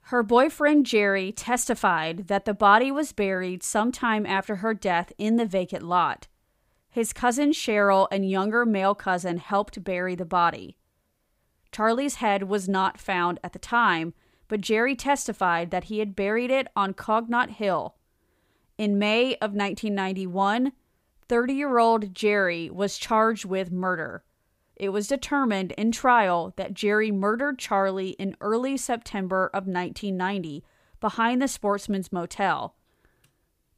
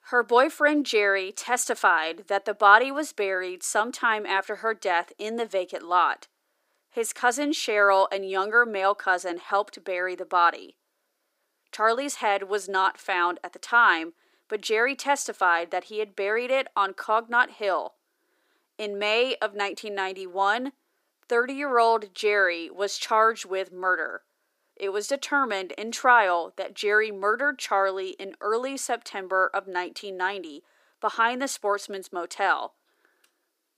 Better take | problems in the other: first | thin; somewhat; fading below 300 Hz

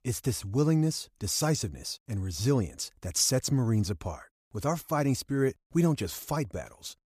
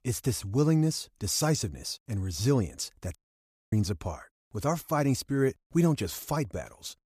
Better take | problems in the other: first | audio cutting out; at 3 s for 0.5 s

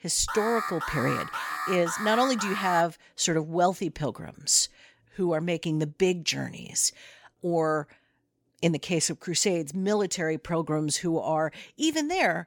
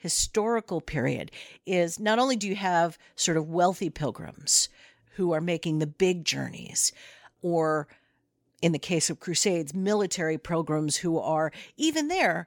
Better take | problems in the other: second | alarm; noticeable; until 3 s; peak 4 dB below the speech

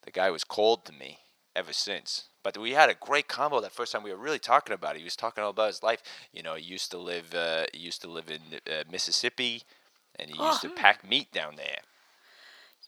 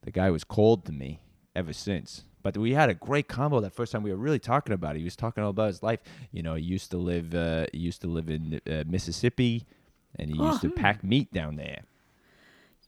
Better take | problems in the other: second | thin; very; fading below 750 Hz

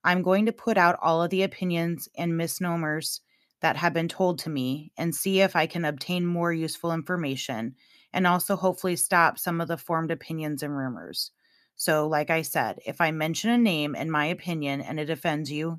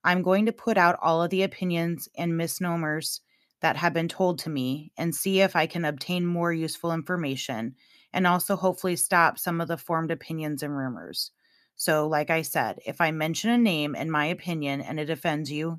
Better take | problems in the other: neither | none

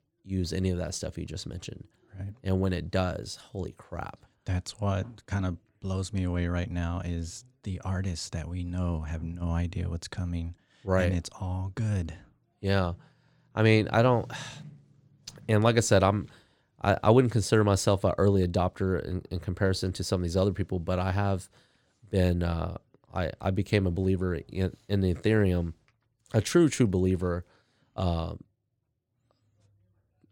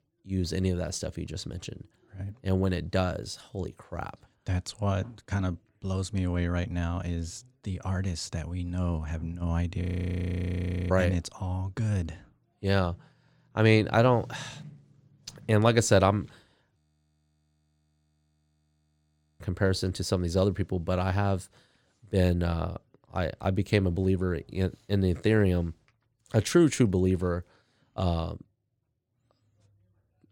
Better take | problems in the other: first | audio freezing; at 10 s for 1 s and at 17 s for 2.5 s

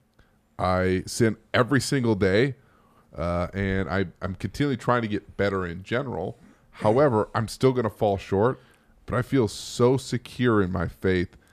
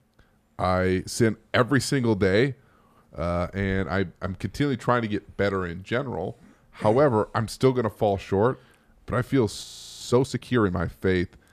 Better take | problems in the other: first | audio freezing; at 9.5 s

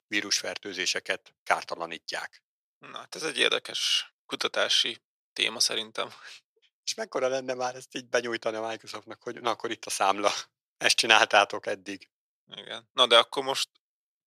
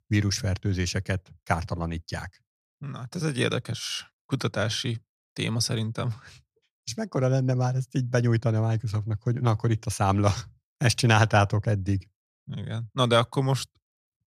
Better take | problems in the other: second | thin; very; fading below 400 Hz

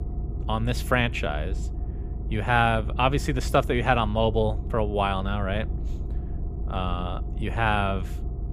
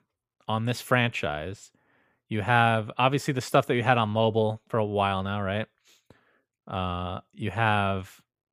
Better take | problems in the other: second | low rumble; noticeable; throughout; 20 dB below the speech

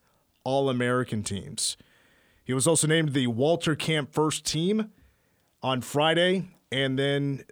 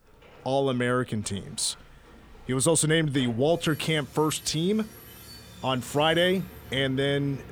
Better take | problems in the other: first | machinery noise; faint; throughout; 20 dB below the speech

